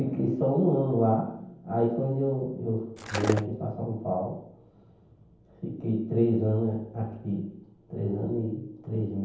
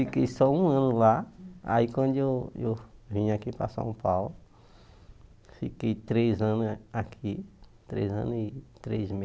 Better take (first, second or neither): second